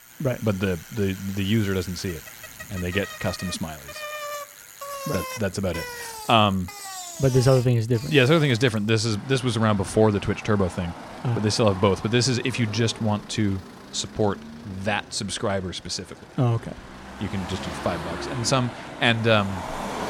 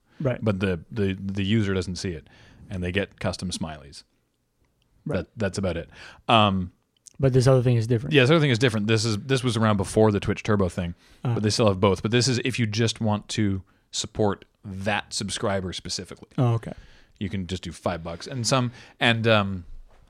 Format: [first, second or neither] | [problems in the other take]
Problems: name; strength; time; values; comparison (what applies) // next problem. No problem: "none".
second | traffic noise; noticeable; throughout; 15 dB below the speech